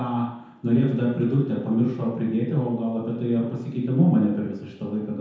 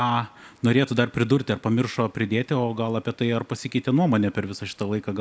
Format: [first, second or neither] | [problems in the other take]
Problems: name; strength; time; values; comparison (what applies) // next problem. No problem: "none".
second | room echo; dies away in 0.9 s